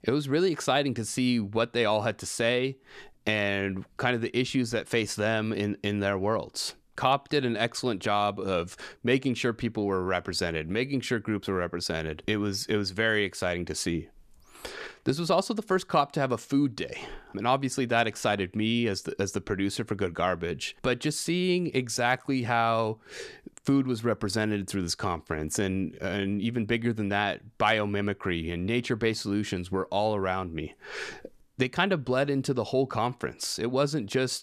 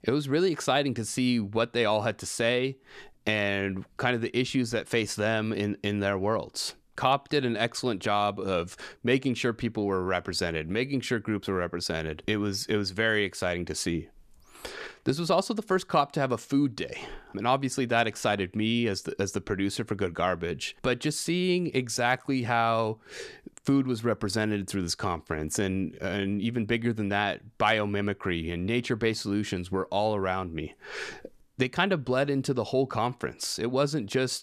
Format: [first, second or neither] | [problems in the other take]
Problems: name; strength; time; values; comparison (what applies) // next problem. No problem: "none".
neither | none